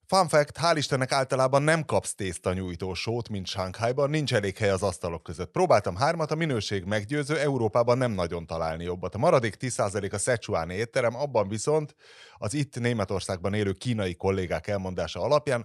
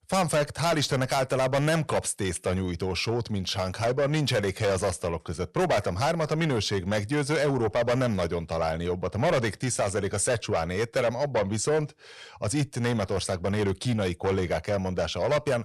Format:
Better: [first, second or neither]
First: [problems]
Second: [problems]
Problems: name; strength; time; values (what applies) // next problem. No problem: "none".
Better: first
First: none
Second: distortion; heavy; 7 dB below the speech